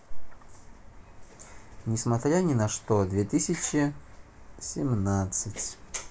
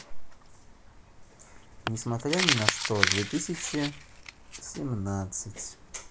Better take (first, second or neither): first